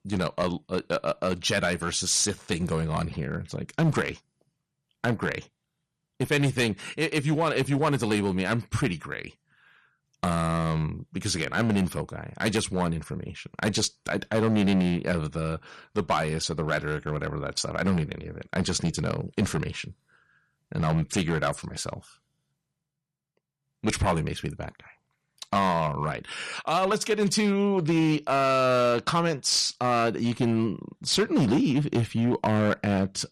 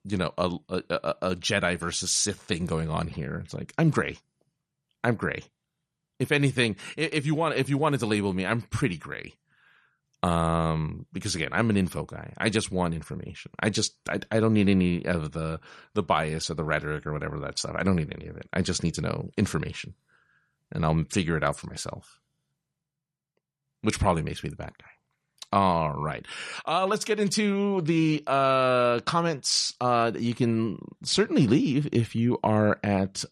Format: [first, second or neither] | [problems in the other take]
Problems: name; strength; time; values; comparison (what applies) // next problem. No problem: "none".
second | distortion; slight; 5% of the sound clipped